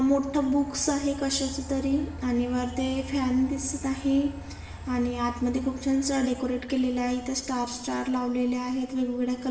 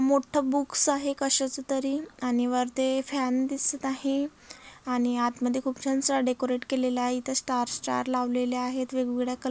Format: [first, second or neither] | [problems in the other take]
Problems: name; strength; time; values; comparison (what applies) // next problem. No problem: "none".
second | background sound (Train); 14 dB below the speech // room echo; dies away in 0.8 s